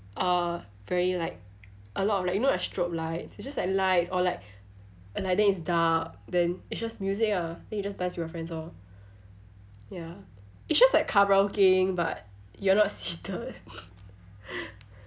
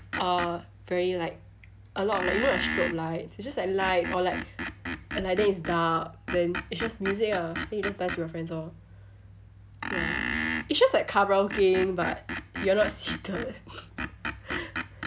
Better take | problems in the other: first | background sound (Screech); 7 dB below the speech

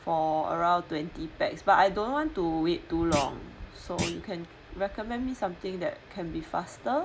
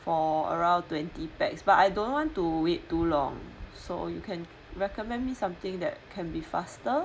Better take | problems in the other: second | background sound (Thump, thud); 7 dB below the speech

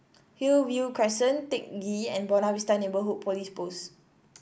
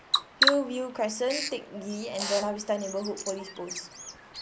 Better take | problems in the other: first | background sound (Bird vocalization, bird call, bird song); 1 dB below the speech

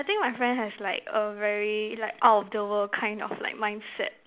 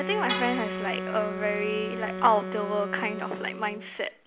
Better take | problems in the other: first | background sound (Wind instrument, woodwind instrument + Vehicle horn, car horn, honking); 5 dB below the speech

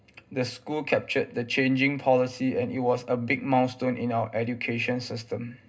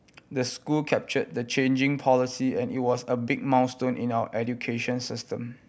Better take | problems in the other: second | room echo; dies away in 0.2 s

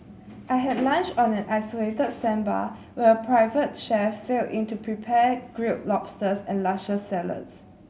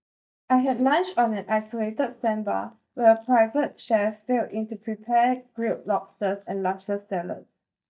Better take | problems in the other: first | noise reduction (neural mask model DeepFilterNet 3)

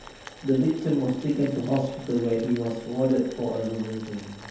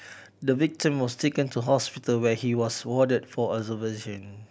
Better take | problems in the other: second | background sound (Boiling); 19 dB below the speech // room echo; dies away in 0.9 s

